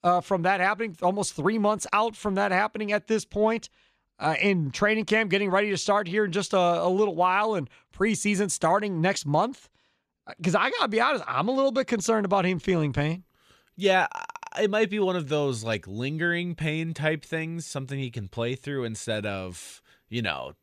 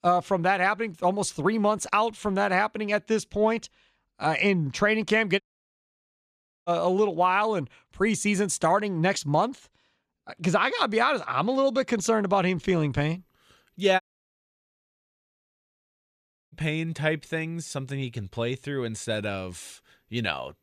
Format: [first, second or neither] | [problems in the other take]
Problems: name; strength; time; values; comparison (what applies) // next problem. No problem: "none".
first | audio cutting out; at 5.5 s for 1.5 s and at 14 s for 2.5 s